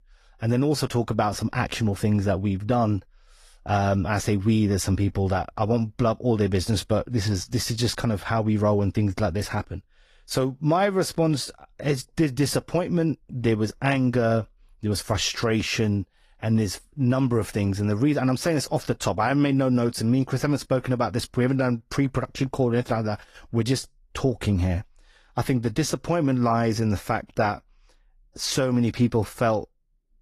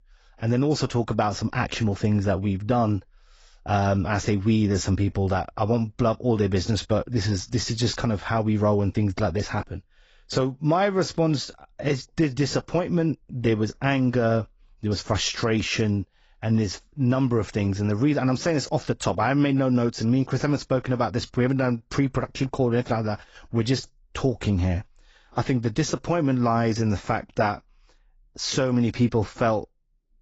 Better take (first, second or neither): first